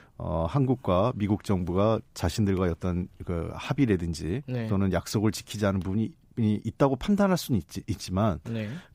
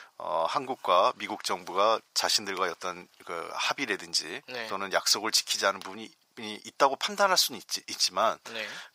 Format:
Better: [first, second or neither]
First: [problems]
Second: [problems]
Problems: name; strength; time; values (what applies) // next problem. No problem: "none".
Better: first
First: none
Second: thin; very; fading below 950 Hz